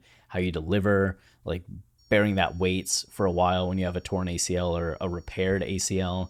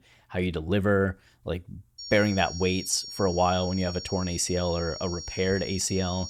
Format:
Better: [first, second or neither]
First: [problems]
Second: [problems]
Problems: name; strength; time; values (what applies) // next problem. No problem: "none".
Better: first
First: high-pitched whine; faint; from 2 s on; 5.5 kHz, 35 dB below the speech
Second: high-pitched whine; loud; from 2 s on; 5.5 kHz, 10 dB below the speech